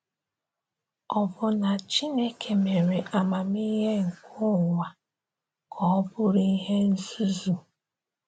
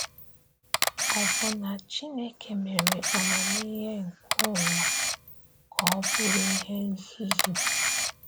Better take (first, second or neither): first